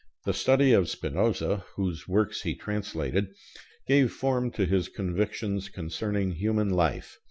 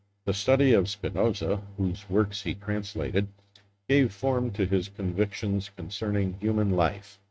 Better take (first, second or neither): first